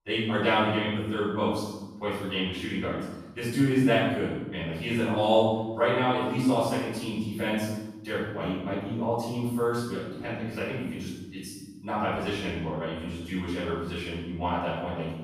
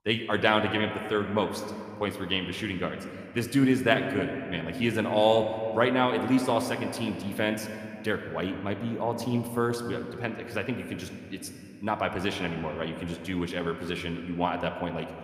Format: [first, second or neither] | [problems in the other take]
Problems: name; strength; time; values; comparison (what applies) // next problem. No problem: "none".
second | room echo; strong; dies away in 1.1 s; slight in the second // off-mic speech; far